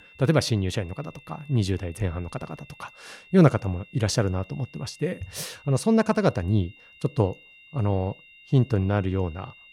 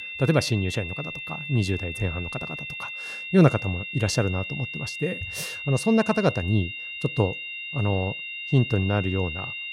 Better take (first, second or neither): first